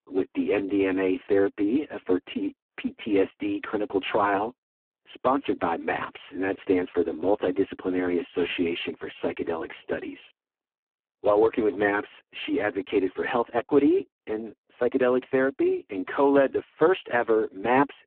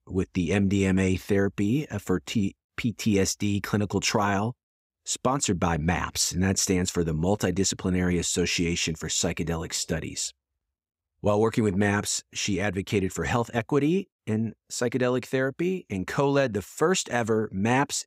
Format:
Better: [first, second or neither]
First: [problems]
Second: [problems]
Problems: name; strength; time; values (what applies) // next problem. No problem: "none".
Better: second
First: phone-call audio; poor line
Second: none